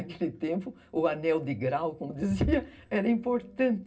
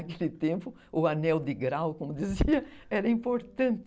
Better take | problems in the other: second | room echo; dies away in 0.4 s

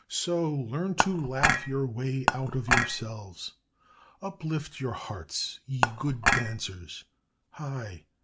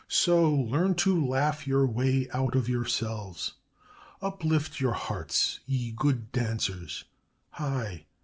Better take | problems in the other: second | background sound (Dishes, pots, and pans / Chink, clink); 4 dB above the speech

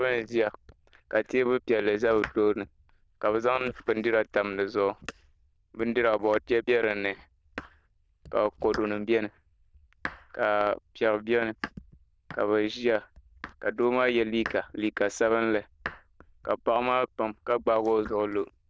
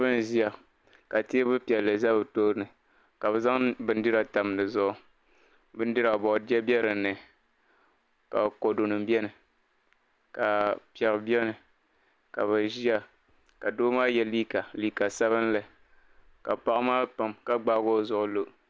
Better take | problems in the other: second | noise reduction (neural diffusion model UNIVERSE++)

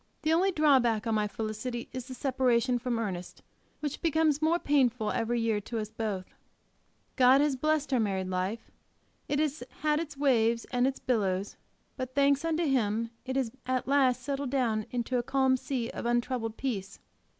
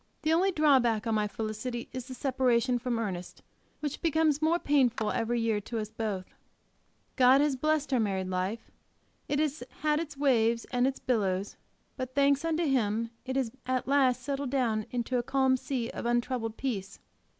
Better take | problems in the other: first | background sound (Clapping); 18 dB below the speech

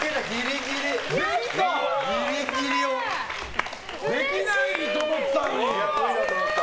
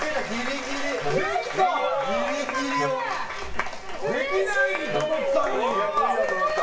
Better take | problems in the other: first | background sound (Wind instrument, woodwind instrument); 10 dB below the speech // room echo; dies away in 0.2 s

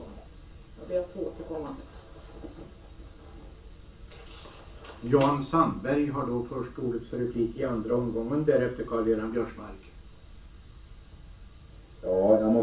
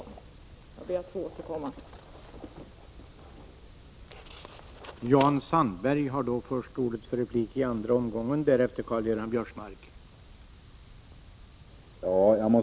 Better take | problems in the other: second | room echo; dies away in 0.3 s

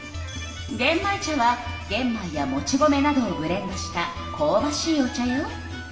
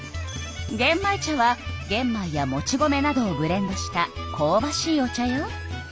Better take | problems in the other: second | room echo; dies away in 1.9 s

